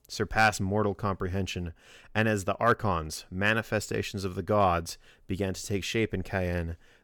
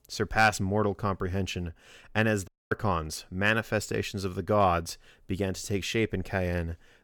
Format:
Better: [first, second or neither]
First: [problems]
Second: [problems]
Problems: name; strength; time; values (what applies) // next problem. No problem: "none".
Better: first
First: none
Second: audio cutting out; at 2.5 s